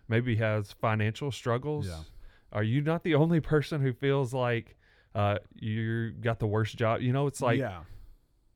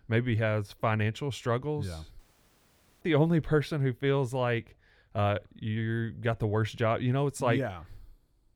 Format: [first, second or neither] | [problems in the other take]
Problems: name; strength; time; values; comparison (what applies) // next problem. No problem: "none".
first | audio cutting out; at 2 s for 1 s